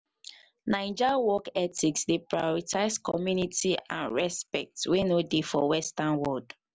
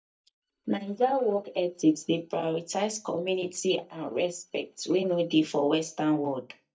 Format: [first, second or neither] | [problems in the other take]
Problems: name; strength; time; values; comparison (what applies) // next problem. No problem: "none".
first | noise reduction (neural mask model DeepFilterNet 3)